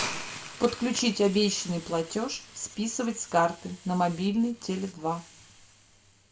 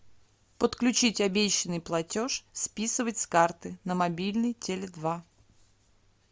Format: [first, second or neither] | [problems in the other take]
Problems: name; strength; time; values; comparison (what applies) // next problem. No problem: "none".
second | background sound (Hiss); 14 dB below the speech // room echo; dies away in 0.4 s